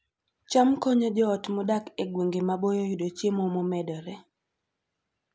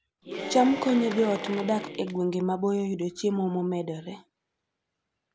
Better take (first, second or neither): first